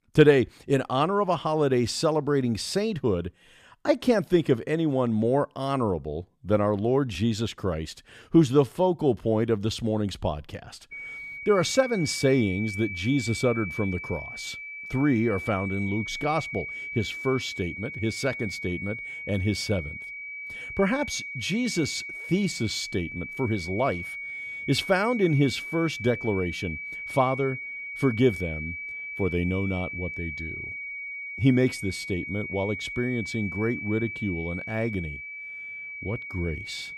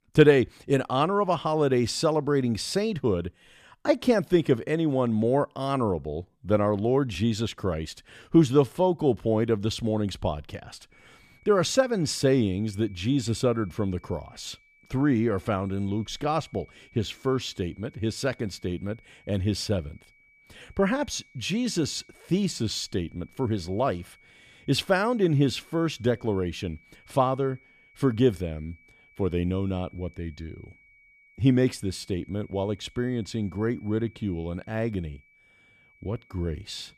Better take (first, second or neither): second